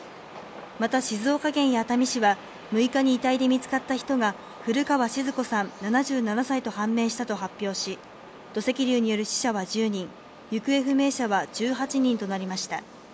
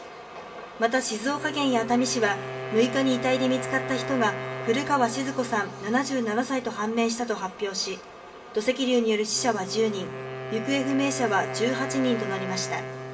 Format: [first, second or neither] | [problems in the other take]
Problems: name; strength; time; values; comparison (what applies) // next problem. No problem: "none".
first | background sound (Wind instrument, woodwind instrument); 10 dB below the speech // room echo; dies away in 0.8 s